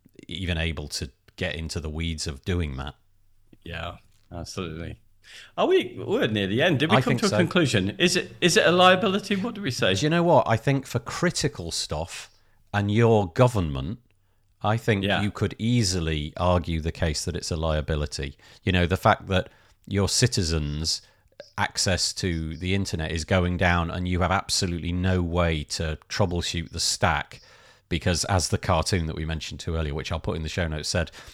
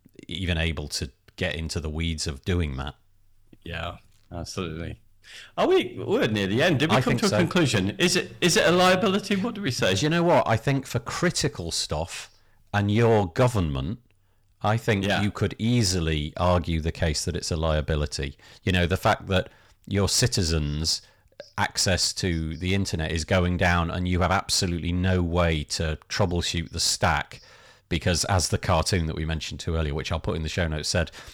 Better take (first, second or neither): first